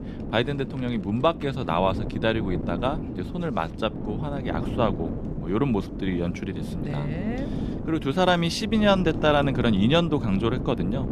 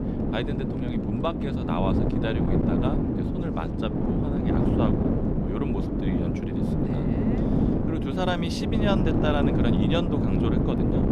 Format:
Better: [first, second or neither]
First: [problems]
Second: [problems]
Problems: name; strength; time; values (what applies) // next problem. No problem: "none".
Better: first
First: wind noise on the microphone; occasional gusts; 10 dB below the speech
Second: wind noise on the microphone; heavy; 2 dB above the speech